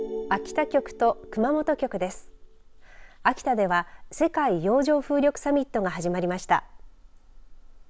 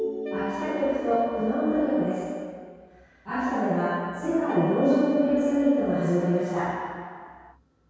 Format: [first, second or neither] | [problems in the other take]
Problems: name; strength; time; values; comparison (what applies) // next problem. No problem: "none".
first | background sound (Wind instrument, woodwind instrument); 15 dB below the speech // room echo; dies away in 2 s